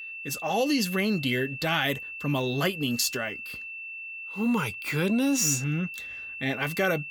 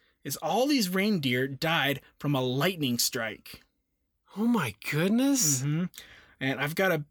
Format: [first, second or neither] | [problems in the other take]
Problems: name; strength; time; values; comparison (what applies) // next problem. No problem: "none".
second | high-pitched whine; loud; throughout; 2.5 kHz, 9 dB below the speech